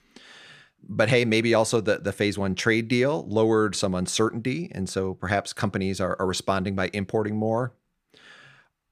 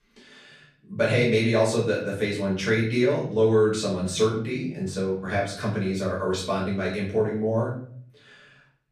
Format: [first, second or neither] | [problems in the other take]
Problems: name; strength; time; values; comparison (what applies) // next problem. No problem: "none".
first | off-mic speech; far // room echo; noticeable; dies away in 0.5 s